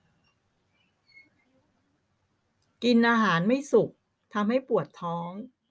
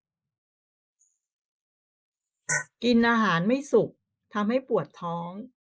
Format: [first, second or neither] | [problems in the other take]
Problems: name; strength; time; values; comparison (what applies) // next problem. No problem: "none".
first | noise reduction (neural mask model Resemble Enhance denoiser)